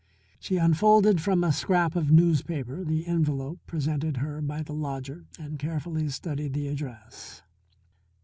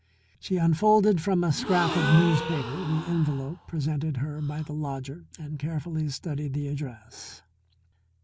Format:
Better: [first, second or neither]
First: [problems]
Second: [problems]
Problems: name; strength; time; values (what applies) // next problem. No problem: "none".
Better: first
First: none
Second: background sound (Gasp); 8 dB below the speech